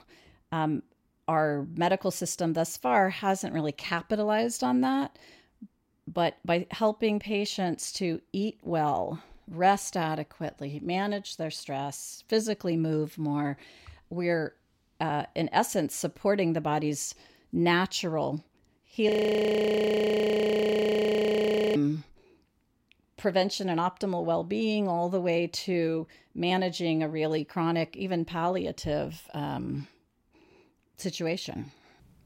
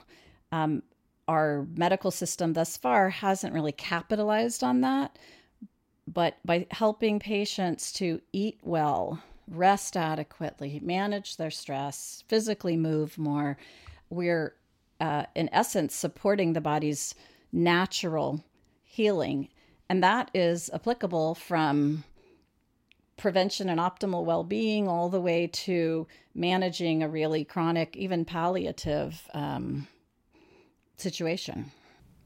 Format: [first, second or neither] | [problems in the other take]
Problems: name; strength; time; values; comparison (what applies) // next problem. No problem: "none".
second | audio freezing; at 19 s for 2.5 s